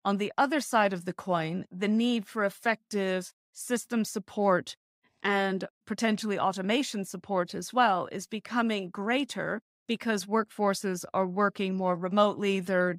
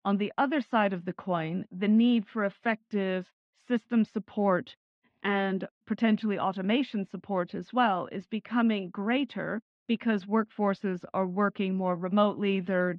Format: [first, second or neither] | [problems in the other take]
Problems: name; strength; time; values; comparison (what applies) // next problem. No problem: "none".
first | muffled; very; fading above 3 kHz